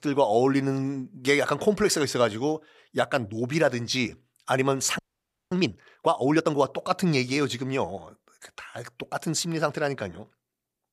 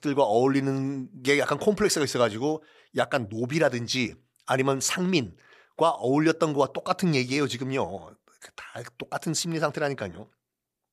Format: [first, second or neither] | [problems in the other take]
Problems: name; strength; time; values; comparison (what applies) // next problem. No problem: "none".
second | audio freezing; at 5 s for 0.5 s